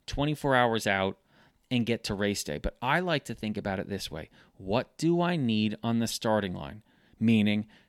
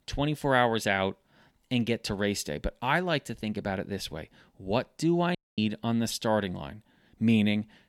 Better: first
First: none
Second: audio cutting out; at 5.5 s

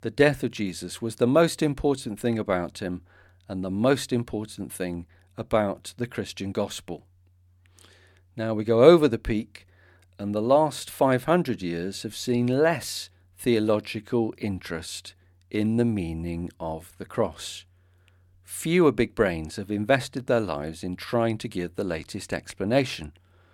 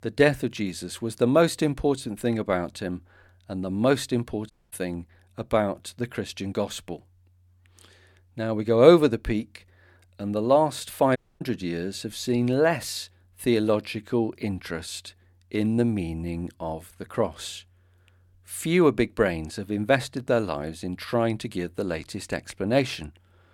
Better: first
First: none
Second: audio cutting out; at 4.5 s and at 11 s

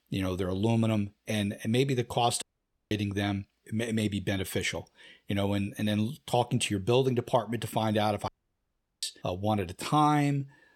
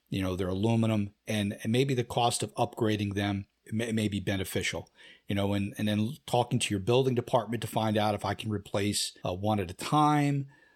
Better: second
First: audio cutting out; at 2.5 s and at 8.5 s for 0.5 s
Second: none

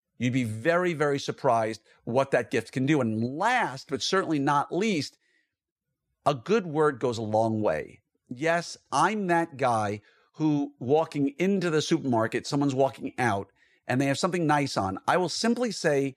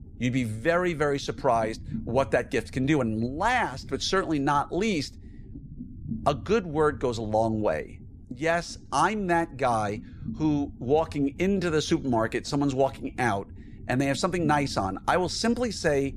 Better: first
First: none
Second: low rumble; faint; throughout; 25 dB below the speech

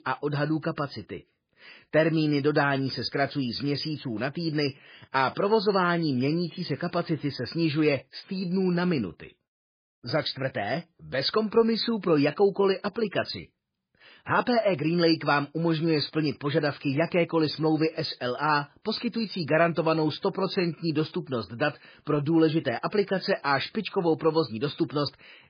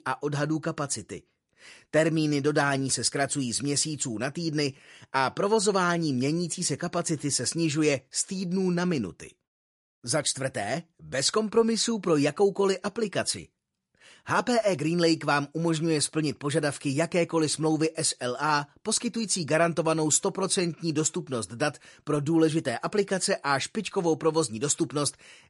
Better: second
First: garbled, watery; badly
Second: garbled, watery; slightly; nothing above 11 kHz

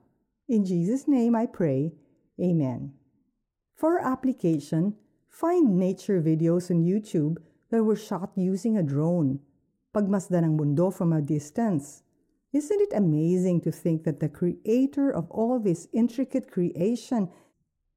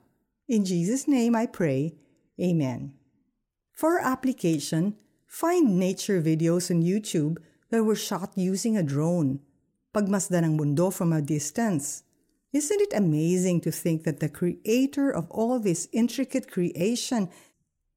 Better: second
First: muffled; slightly; fading above 1.5 kHz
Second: none

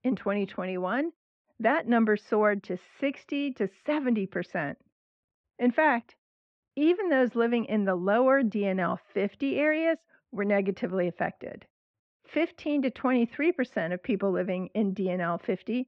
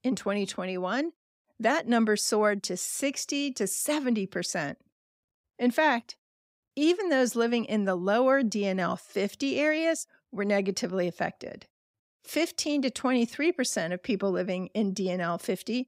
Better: second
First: muffled; very; fading above 2.5 kHz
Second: none

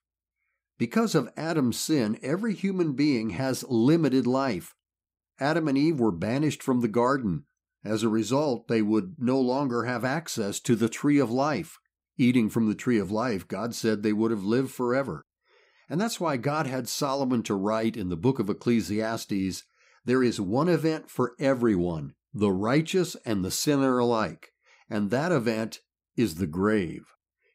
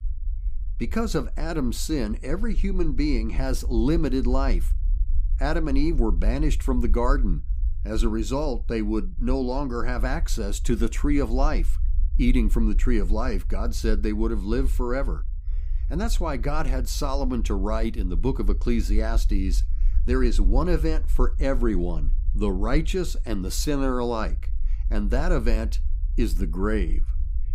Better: first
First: none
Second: low rumble; faint; throughout; 25 dB below the speech

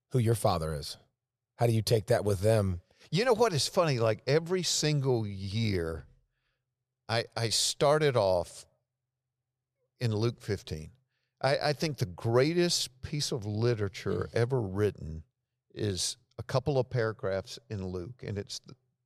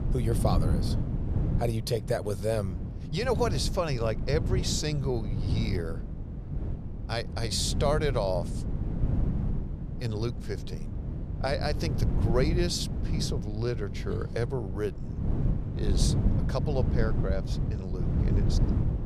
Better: first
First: none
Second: wind noise on the microphone; heavy; 9 dB below the speech

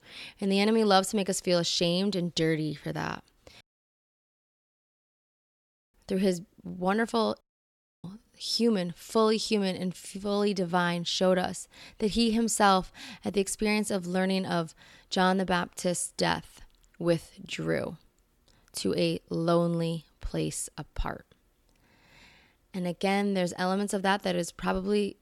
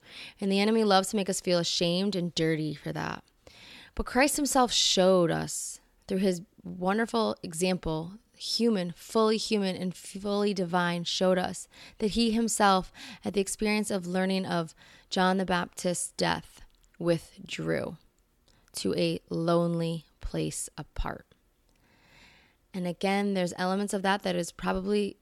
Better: second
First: audio cutting out; at 3.5 s for 2.5 s and at 7.5 s for 0.5 s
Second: none

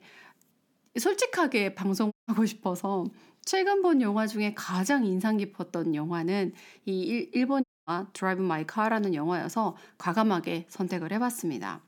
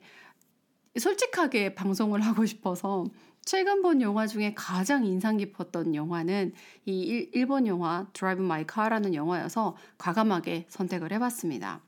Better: second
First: audio cutting out; at 2 s and at 7.5 s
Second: none

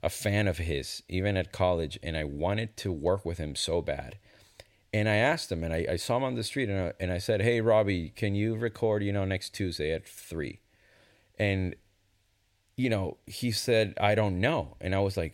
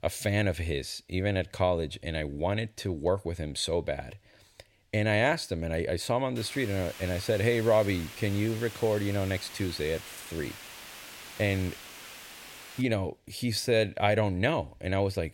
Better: first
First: none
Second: hiss; noticeable; from 6.5 to 13 s; 15 dB below the speech

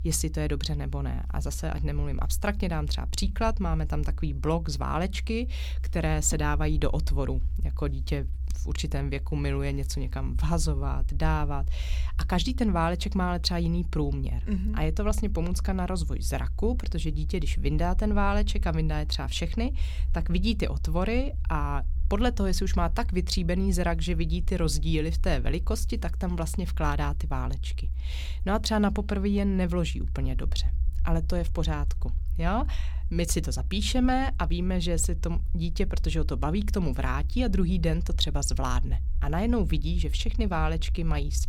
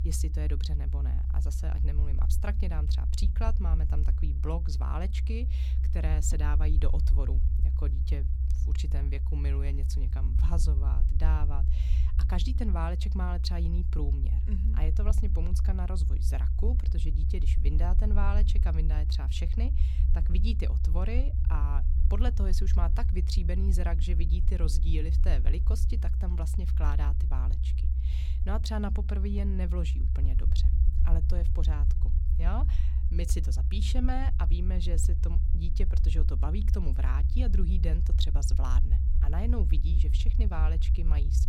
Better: first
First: low rumble; faint; throughout; 20 dB below the speech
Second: low rumble; loud; throughout; 6 dB below the speech

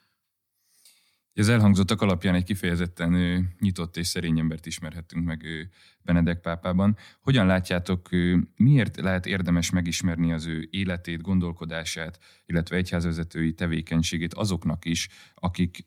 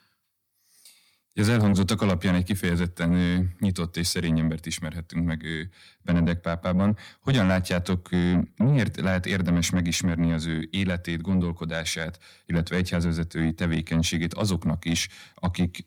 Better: first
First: none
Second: distortion; slight; 10 dB below the speech

